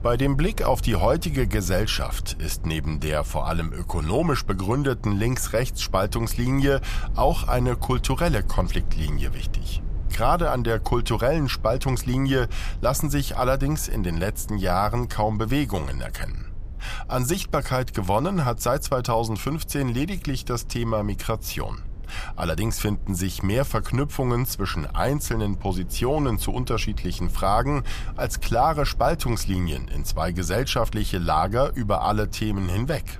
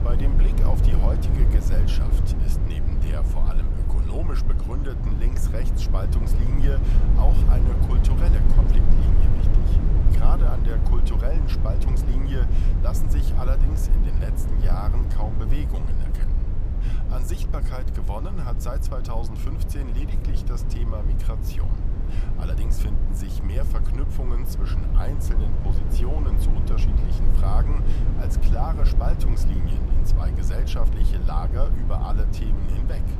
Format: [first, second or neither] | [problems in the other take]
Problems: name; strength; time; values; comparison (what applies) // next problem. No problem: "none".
first | low rumble; loud; throughout; 1 dB below the speech; faint in the first